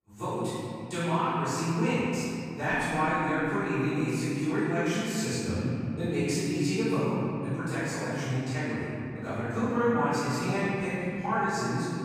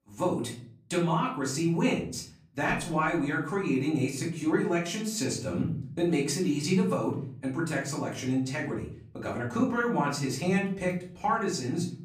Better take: second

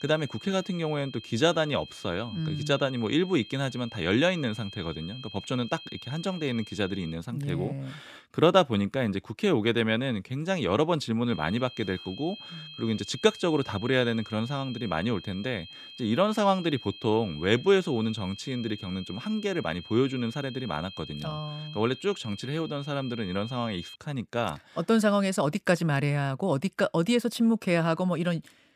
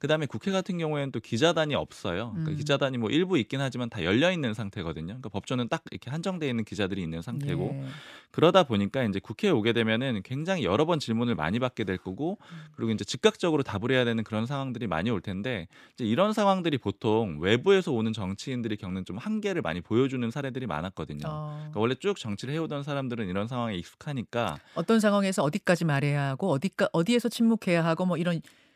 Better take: second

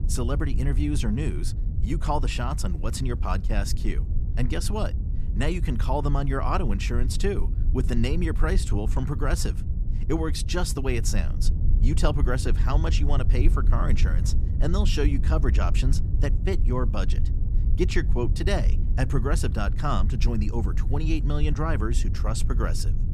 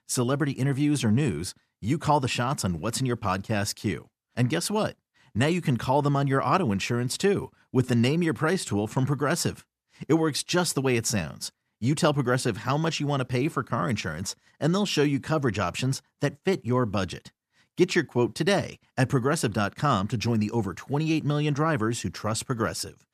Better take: second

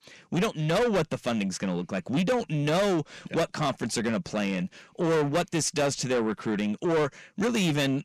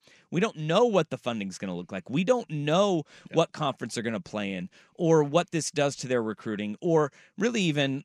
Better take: second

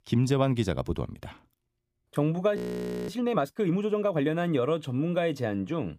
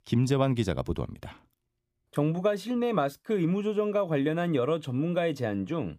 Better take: second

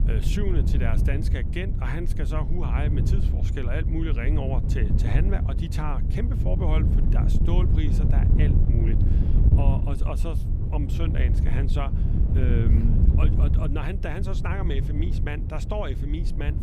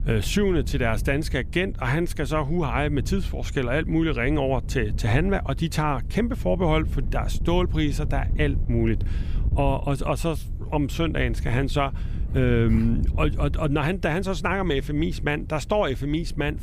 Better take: second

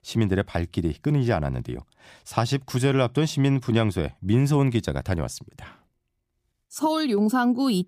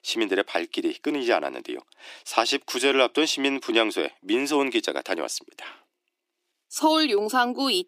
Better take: first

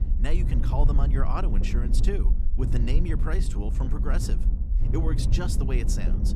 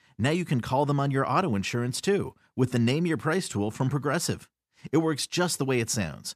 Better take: second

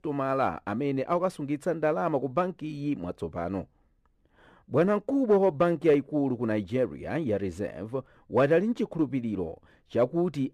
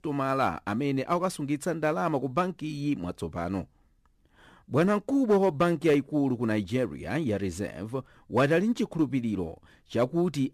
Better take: second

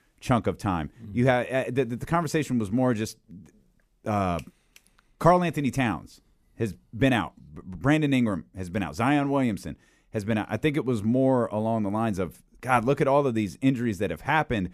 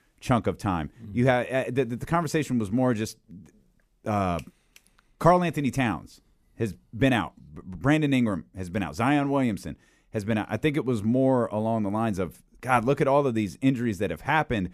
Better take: neither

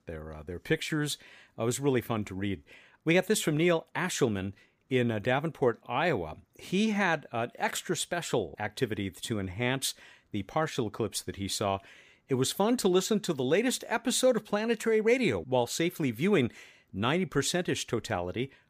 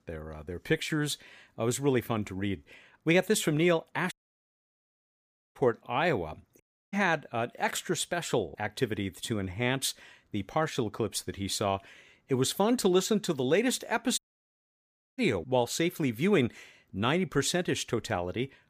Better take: first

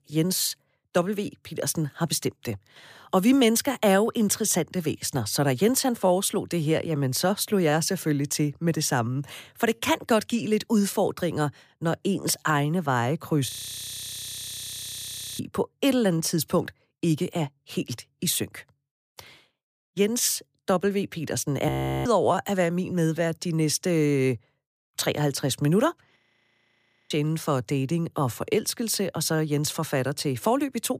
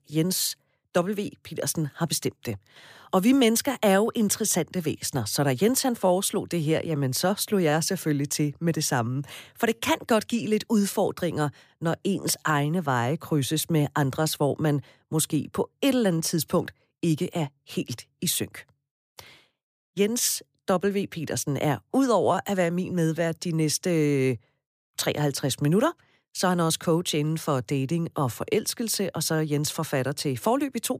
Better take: second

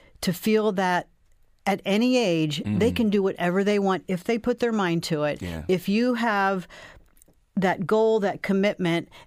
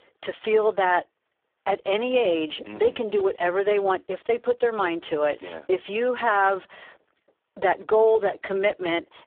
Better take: first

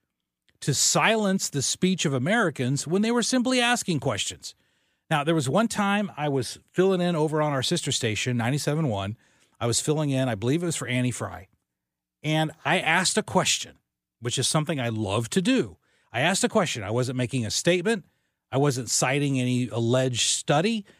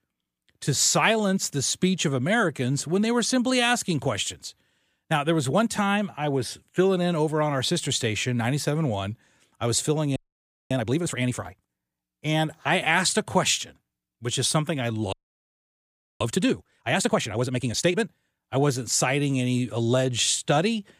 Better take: first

